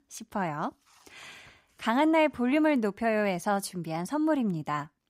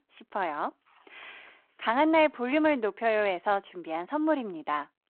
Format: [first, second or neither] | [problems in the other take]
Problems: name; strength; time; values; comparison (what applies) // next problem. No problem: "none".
first | phone-call audio